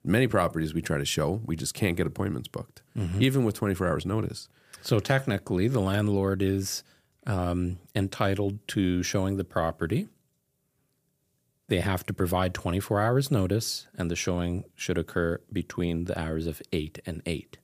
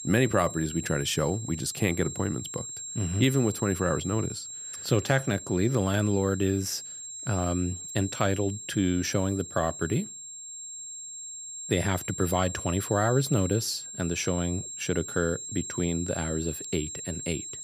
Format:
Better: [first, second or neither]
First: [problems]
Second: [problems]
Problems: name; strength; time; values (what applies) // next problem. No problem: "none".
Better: first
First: none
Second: high-pitched whine; loud; throughout; 7.5 kHz, 8 dB below the speech